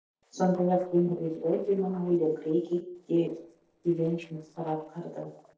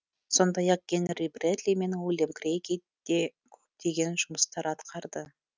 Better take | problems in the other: second | noise reduction (neural separator model SepFormer DNS4)

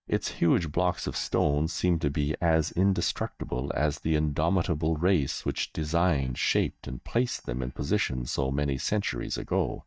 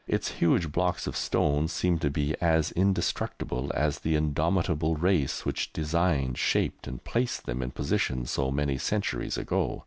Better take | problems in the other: second | noise reduction (neural mask model DeepFilterNet 3)

